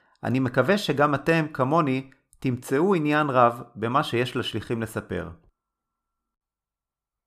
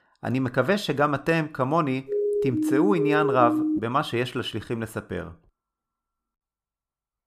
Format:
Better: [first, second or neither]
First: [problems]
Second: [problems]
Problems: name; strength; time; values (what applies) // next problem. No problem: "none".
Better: first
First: none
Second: siren; loud; from 2 to 4 s; peak 1 dB above the speech